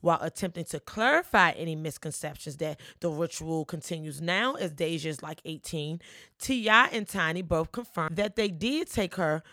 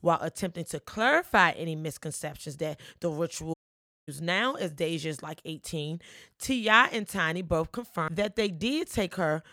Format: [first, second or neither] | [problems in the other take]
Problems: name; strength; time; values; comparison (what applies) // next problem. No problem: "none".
first | audio cutting out; at 3.5 s for 0.5 s